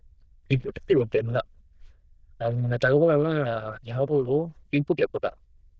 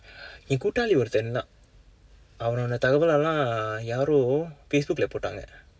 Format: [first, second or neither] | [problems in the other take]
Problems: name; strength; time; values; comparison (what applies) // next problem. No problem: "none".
second | noise reduction (neural diffusion model UNIVERSE++)